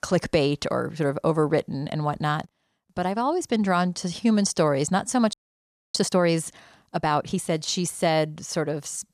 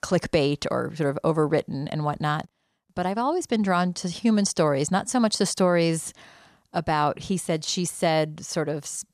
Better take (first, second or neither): second